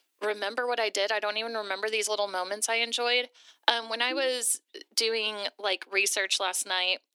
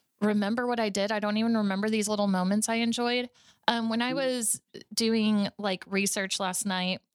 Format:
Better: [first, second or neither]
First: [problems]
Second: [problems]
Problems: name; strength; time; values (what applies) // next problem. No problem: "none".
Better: second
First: thin; very; fading below 300 Hz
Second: none